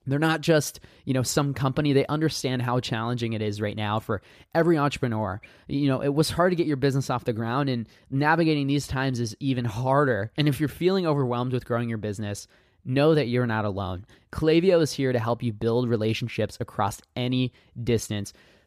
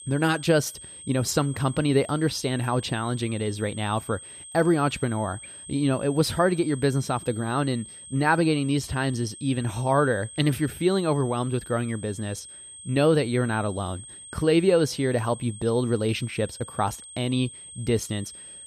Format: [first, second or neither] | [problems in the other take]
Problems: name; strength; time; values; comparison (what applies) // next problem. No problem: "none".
first | high-pitched whine; noticeable; throughout; 8.5 kHz, 15 dB below the speech